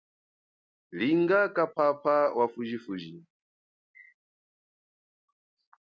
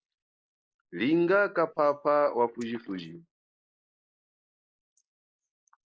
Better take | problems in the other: first | noise reduction (neural mask model Resemble Enhance denoiser)

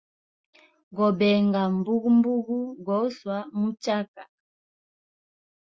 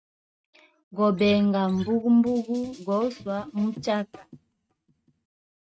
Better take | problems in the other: first | noise reduction (neural mask model RNNoise)

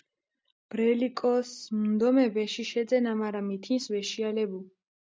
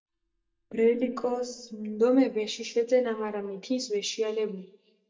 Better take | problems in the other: first | noise reduction (neural mask model DeepFilterNet 3)

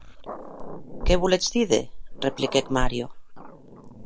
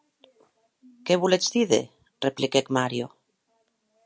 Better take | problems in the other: second | background sound (Growling); 3 dB below the speech

